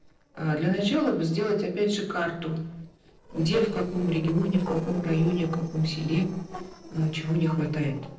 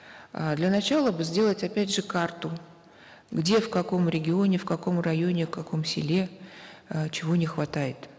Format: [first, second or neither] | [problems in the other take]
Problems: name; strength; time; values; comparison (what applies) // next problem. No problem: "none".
second | noise reduction (neural separator model SepFormer DNS4)